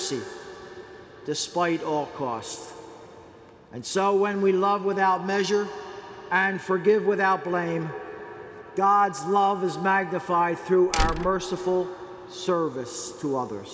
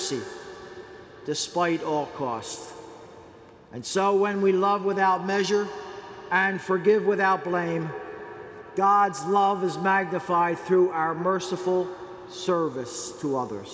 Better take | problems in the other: second | background sound (Slam); 4 dB below the speech

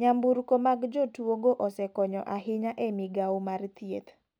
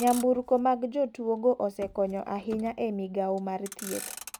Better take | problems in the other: first | background sound (Motor vehicle (road)); 17 dB below the speech

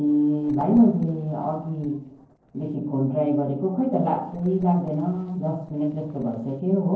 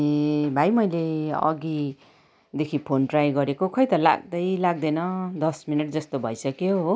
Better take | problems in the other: second | noise reduction (neural separator model SepFormer DNS4)

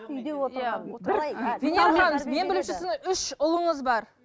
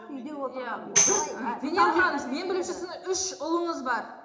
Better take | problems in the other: first | background sound (Tambourine); 1 dB above the speech // room echo; dies away in 0.8 s

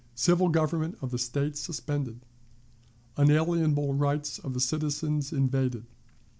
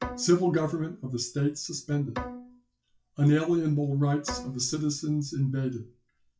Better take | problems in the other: first | noise reduction (classical method WPE with log-MMSE)

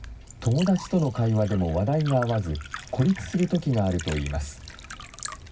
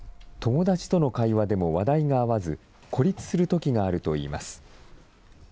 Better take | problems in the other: second | background sound (Liquid); 16 dB below the speech // room echo; dies away in 0.4 s

